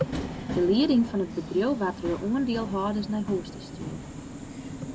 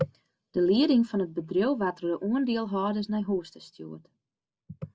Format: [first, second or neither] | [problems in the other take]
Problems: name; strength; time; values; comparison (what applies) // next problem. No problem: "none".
second | background sound (Subway, metro, underground); 9 dB below the speech